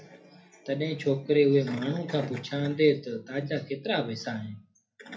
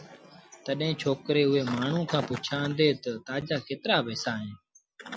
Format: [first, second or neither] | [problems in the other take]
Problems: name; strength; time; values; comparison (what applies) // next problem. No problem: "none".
second | room echo; dies away in 0.3 s